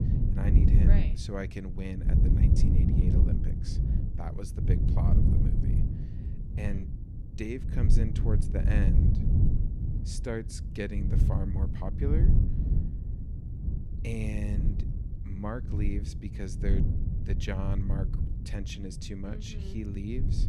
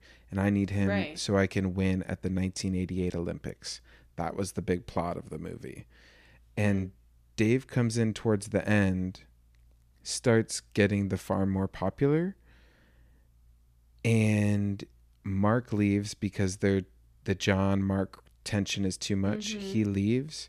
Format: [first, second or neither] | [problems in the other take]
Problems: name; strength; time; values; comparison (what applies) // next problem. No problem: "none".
second | wind noise on the microphone; heavy; 1 dB below the speech